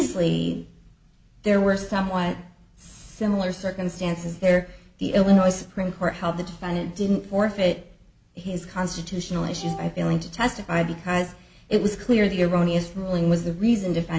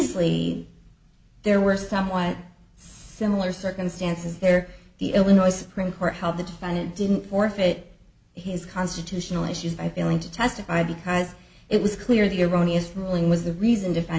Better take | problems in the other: second | background sound (Wind instrument, woodwind instrument); 14 dB below the speech

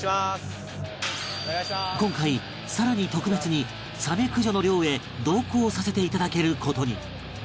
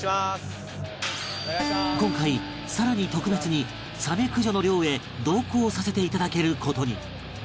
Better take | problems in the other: first | background sound (Acoustic guitar); 9 dB below the speech

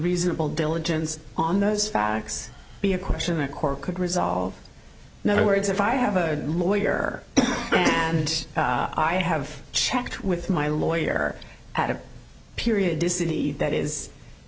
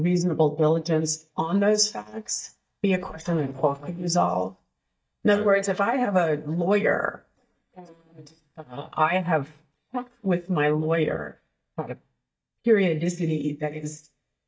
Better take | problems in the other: first | noise reduction (neural mask model DeepFilterNet 3)

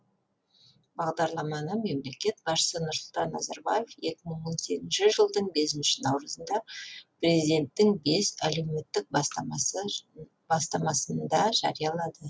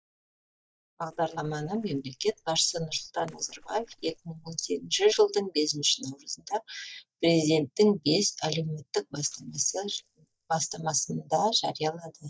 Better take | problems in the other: first | noise reduction (neural mask model DeepFilterNet 3)

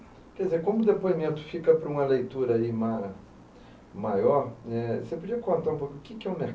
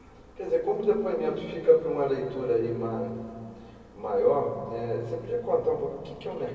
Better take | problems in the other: first | room echo; dies away in 2.6 s

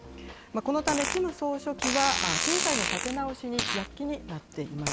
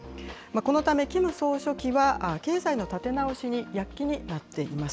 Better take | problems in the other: second | background sound (Fart); 1 dB below the speech

